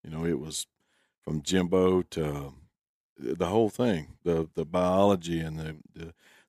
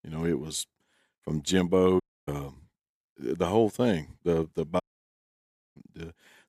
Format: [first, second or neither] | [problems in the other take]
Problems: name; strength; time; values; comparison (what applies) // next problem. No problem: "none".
first | audio cutting out; at 2 s and at 5 s for 1 s